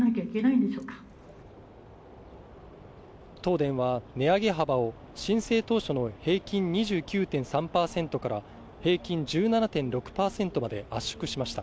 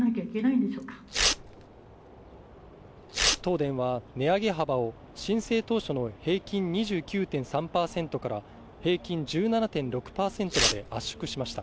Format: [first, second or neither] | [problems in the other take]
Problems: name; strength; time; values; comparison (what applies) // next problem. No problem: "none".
first | background sound (Tearing); 2 dB below the speech